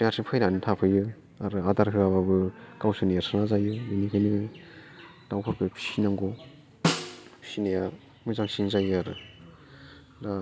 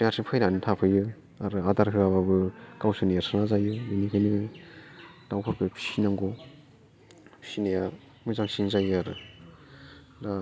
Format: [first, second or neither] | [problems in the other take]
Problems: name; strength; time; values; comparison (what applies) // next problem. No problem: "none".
second | background sound (Snare drum); 6 dB below the speech